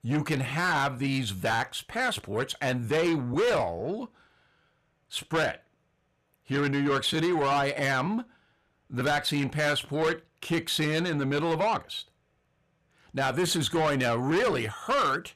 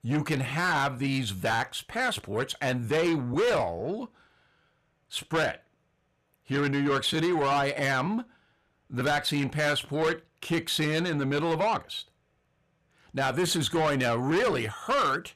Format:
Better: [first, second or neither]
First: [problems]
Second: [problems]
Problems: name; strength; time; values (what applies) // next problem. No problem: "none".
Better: neither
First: distortion; heavy; 7 dB below the speech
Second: distortion; heavy; 7 dB below the speech